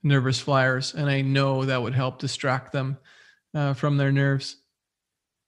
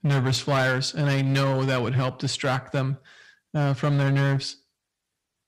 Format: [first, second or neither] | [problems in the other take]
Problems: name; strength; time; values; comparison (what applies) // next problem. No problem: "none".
first | distortion; slight; 12% of the sound clipped